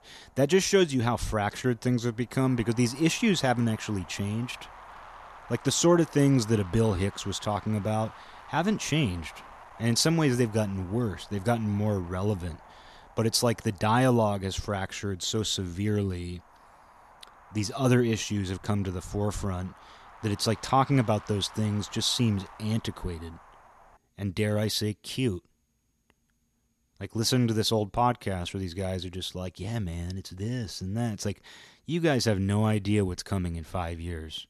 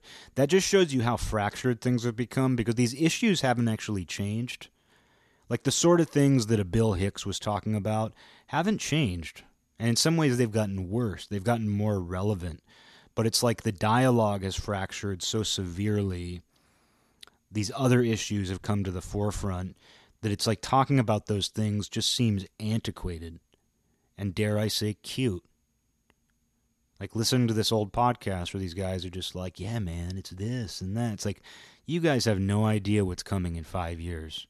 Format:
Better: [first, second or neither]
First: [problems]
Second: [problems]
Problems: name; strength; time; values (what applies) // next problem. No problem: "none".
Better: second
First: wind noise on the microphone; occasional gusts; until 24 s; 15 dB below the speech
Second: none